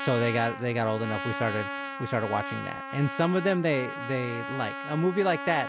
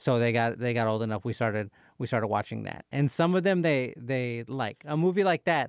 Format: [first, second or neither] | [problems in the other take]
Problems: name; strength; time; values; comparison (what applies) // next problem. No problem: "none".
second | background sound (Trumpet); 8 dB below the speech